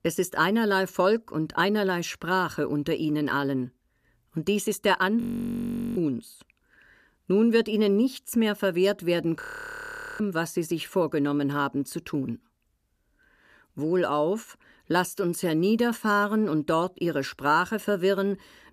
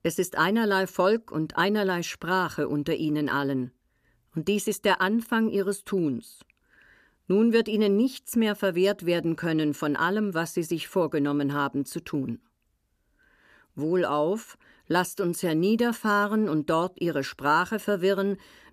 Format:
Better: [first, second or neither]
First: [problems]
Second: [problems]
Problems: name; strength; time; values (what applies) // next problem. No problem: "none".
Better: second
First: audio freezing; at 5 s for 1 s and at 9.5 s for 1 s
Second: none